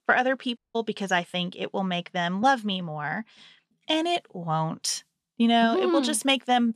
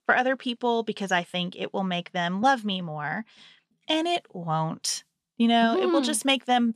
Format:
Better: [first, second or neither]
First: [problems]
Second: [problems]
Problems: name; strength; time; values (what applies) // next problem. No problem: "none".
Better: second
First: audio cutting out; at 0.5 s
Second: none